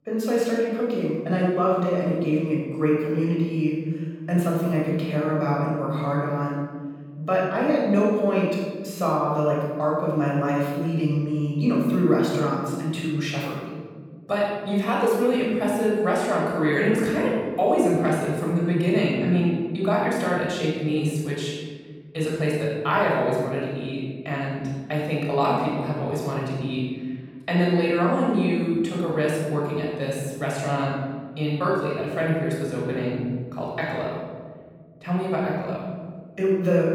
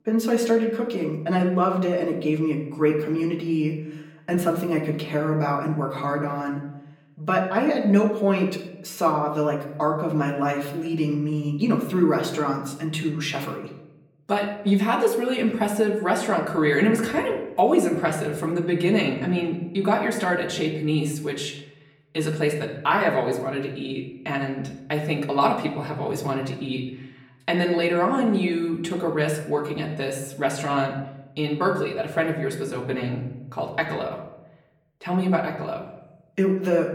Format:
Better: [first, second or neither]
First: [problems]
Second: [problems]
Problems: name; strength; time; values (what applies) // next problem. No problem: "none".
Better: second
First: room echo; strong; dies away in 1.9 s // off-mic speech; far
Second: room echo; slight; dies away in 0.7 s // off-mic speech; far